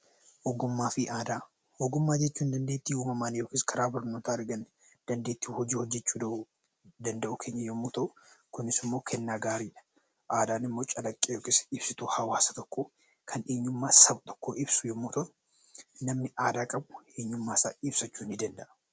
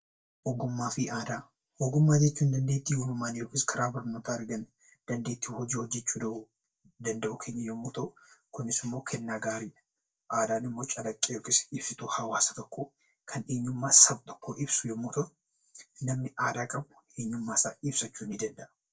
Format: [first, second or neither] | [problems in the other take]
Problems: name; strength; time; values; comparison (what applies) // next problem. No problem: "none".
first | noise reduction (neural mask model DeepFilterNet 3)